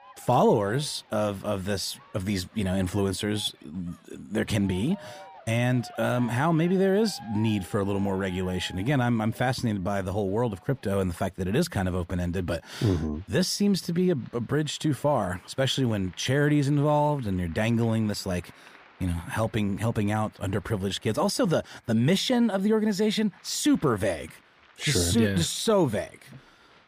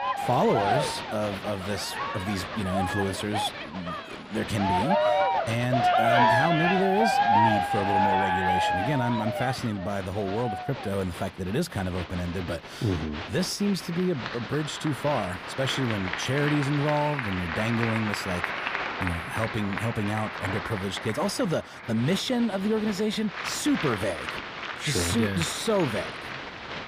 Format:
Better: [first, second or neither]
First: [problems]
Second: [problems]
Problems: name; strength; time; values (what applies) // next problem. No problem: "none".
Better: first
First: crowd noise; faint; throughout; 25 dB below the speech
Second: crowd noise; loud; throughout; as loud as the speech